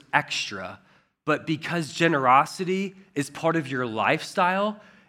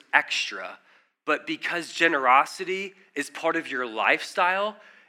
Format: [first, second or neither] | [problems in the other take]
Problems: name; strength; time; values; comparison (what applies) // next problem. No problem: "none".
first | thin; somewhat; fading below 300 Hz